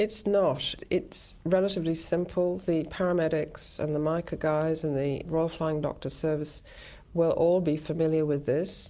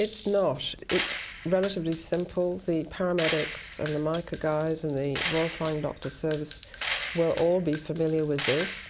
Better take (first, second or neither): first